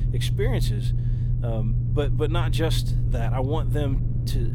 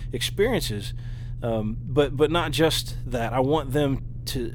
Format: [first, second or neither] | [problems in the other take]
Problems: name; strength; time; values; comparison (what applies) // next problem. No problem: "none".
second | low rumble; loud; throughout; 7 dB below the speech; faint in the second